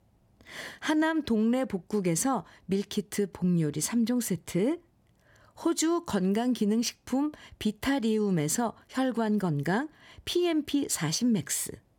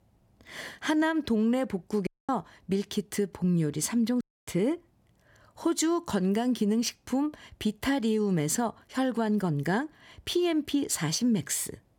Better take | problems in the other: first | audio cutting out; at 2 s and at 4 s

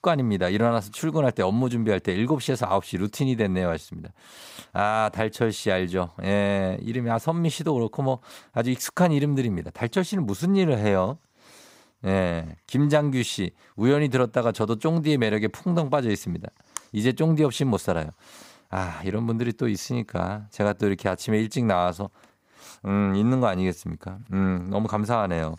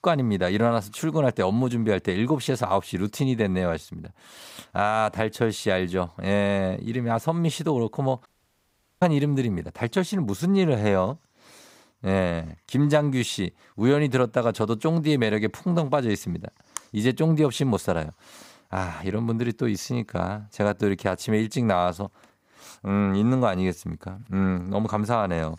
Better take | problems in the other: first | audio cutting out; at 8.5 s for 1 s

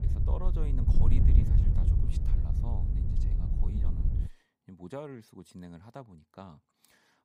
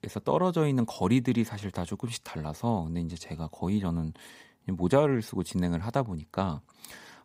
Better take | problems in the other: second | wind noise on the microphone; heavy; until 4.5 s; 2 dB above the speech

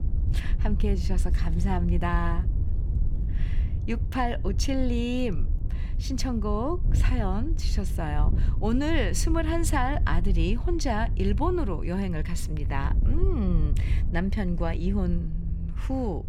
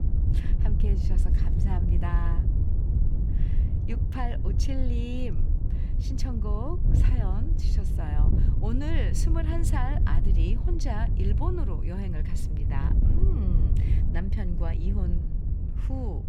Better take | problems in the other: first | wind noise on the microphone; heavy; 3 dB below the speech; occasional gusts in the first

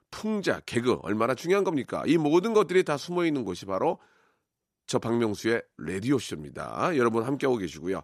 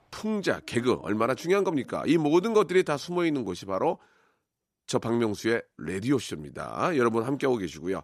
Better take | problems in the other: first | animal sounds; faint; until 3.5 s; 25 dB below the speech

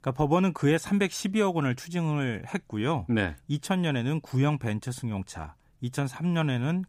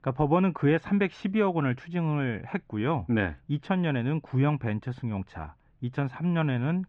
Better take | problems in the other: first | muffled; very; fading above 2.5 kHz

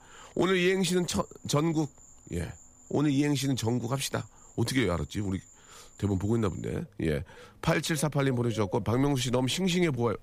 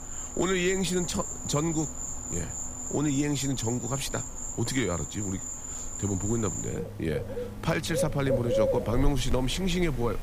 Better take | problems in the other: first | animal sounds; loud; throughout; 4 dB below the speech; faint in the first

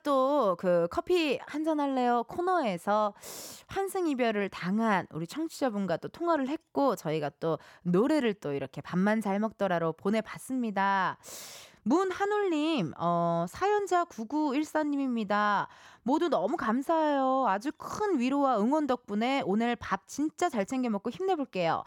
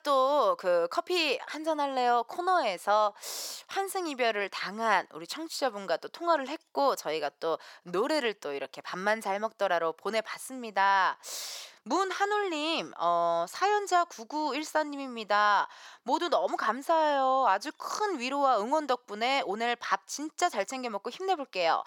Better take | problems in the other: first | thin; somewhat; fading below 550 Hz

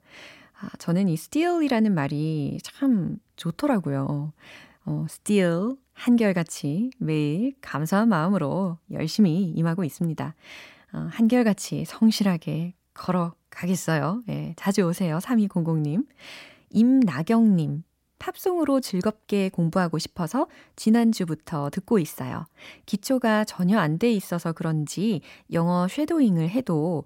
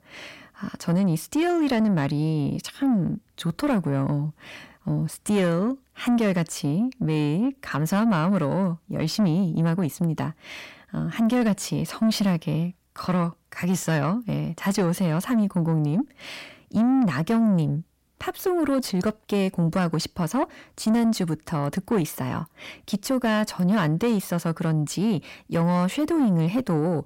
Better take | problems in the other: first | distortion; slight; 10 dB below the speech

